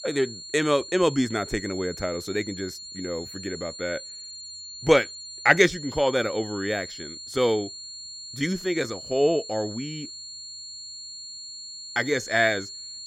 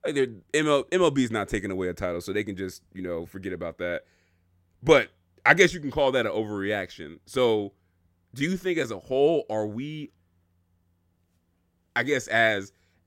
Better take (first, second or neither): second